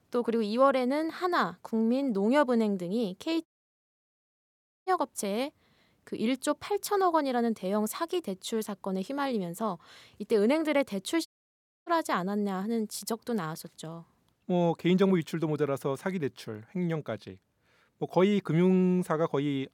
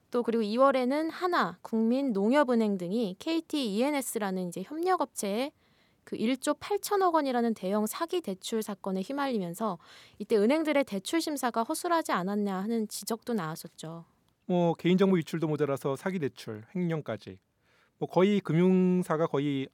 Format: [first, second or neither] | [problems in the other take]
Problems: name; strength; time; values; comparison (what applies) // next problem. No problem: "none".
second | audio cutting out; at 3.5 s for 1.5 s and at 11 s for 0.5 s